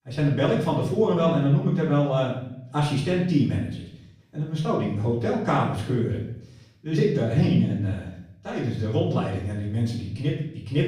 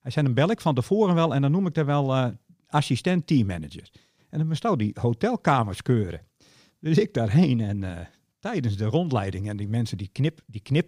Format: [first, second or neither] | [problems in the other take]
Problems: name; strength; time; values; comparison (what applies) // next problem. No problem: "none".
second | off-mic speech; far // room echo; noticeable; dies away in 0.7 s